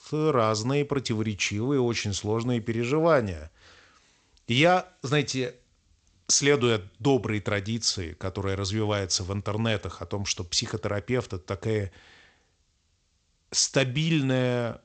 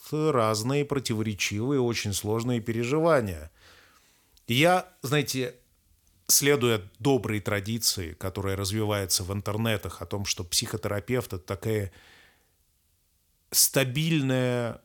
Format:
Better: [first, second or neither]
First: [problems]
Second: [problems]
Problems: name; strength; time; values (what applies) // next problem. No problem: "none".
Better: second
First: garbled, watery; slightly; nothing above 7.5 kHz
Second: none